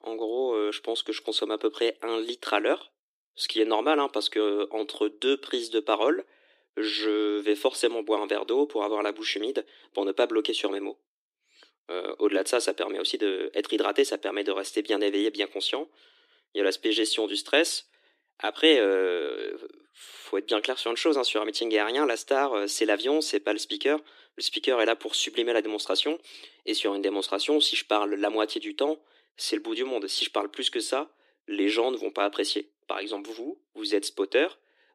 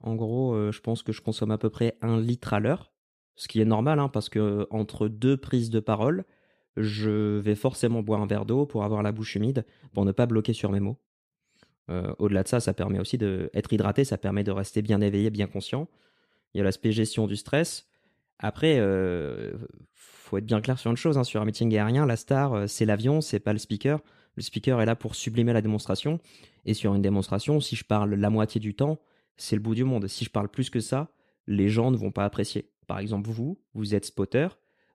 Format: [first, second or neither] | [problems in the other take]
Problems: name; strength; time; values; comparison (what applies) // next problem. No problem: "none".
second | thin; very; fading below 300 Hz